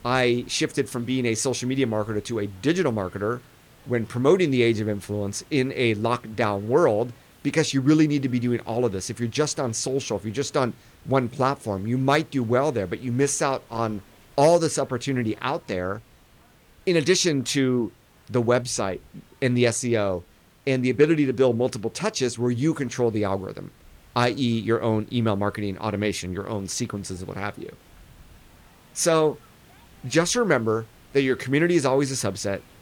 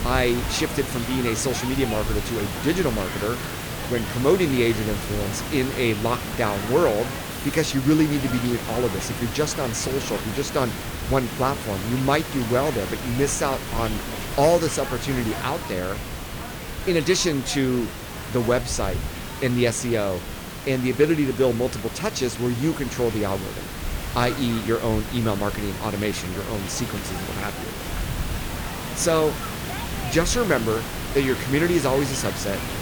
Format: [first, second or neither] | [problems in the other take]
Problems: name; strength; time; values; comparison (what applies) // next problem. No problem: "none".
first | hiss; loud; throughout; 6 dB below the speech; faint in the first